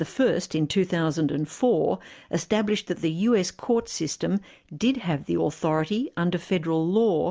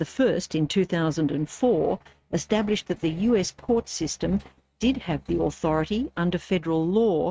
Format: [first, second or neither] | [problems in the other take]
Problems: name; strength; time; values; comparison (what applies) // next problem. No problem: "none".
first | noise reduction (neural mask model RNNoise)